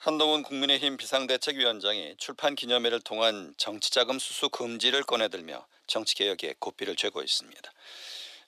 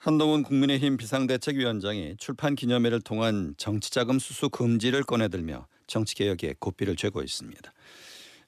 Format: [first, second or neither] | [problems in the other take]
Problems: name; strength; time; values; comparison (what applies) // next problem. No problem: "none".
second | thin; very; fading below 550 Hz